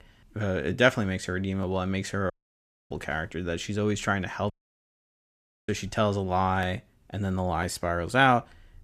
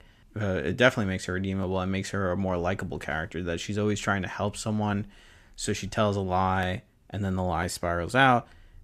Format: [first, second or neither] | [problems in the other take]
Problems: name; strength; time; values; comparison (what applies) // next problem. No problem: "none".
second | audio cutting out; at 2.5 s for 0.5 s and at 4.5 s for 1 s